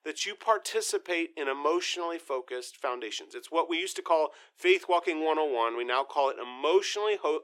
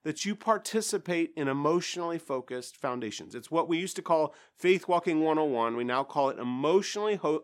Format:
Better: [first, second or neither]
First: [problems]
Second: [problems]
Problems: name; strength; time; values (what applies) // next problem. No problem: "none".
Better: second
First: thin; very; fading below 350 Hz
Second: none